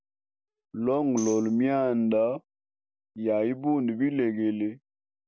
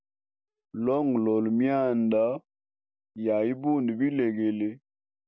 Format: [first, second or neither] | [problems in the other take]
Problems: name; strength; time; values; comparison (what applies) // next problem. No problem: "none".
second | background sound (Tambourine); 19 dB below the speech